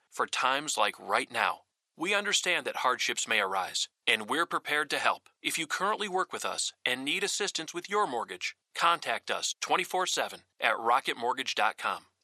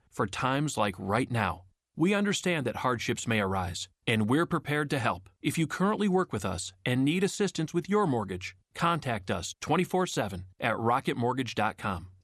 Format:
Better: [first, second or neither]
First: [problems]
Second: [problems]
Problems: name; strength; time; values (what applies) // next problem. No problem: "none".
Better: second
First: thin; very; fading below 600 Hz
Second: none